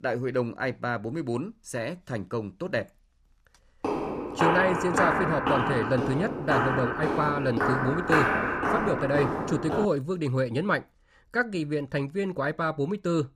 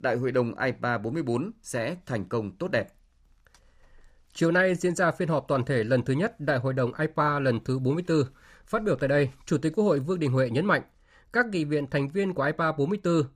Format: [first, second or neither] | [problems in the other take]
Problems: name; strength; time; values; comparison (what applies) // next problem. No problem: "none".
second | footsteps; loud; from 4 to 10 s; peak 6 dB above the speech